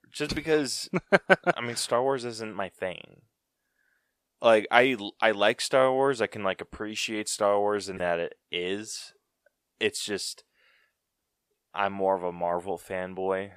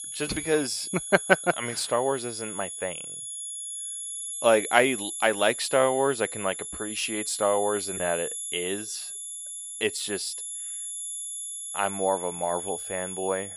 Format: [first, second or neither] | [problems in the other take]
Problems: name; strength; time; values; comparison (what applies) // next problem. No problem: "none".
first | high-pitched whine; loud; throughout; 11 kHz, 6 dB below the speech